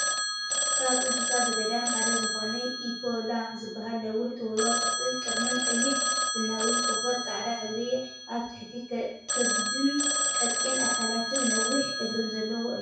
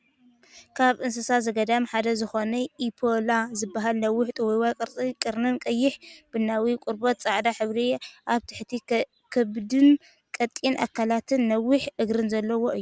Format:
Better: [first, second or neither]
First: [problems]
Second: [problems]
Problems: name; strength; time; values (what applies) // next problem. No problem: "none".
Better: second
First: background sound (Telephone); 3 dB above the speech // room echo; dies away in 0.6 s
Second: none